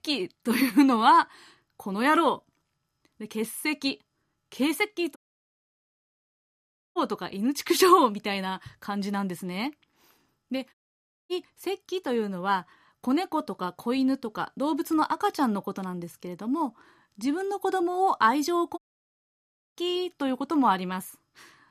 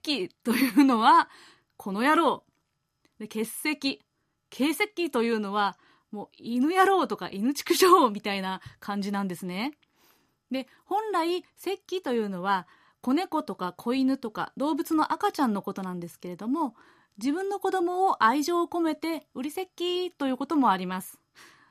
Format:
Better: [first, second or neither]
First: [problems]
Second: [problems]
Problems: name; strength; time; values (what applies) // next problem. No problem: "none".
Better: second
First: audio cutting out; at 5 s for 2 s, at 11 s for 0.5 s and at 19 s for 1 s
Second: none